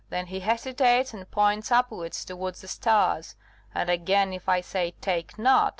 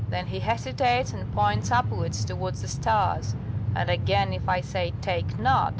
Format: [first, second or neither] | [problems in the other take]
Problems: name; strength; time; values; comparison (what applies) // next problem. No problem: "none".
first | background sound (Train); 2 dB below the speech